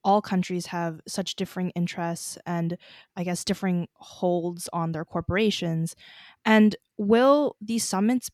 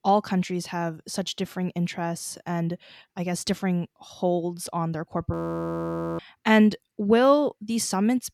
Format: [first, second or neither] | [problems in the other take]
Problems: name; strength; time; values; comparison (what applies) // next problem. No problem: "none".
first | audio freezing; at 5.5 s for 1 s